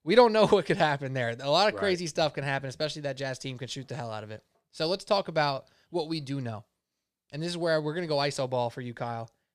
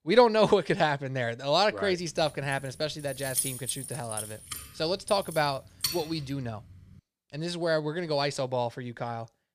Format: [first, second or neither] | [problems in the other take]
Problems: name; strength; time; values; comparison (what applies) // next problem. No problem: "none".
first | jangling keys; loud; from 2.5 to 6 s; peak level with the speech